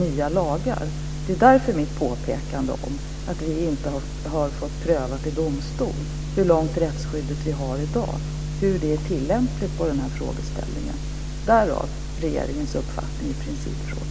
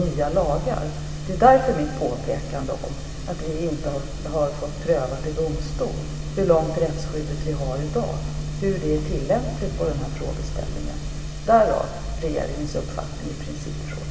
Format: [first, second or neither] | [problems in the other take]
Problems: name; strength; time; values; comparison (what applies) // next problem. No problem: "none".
first | background sound (Accelerating, revving, vroom); 12 dB below the speech // room echo; dies away in 2.3 s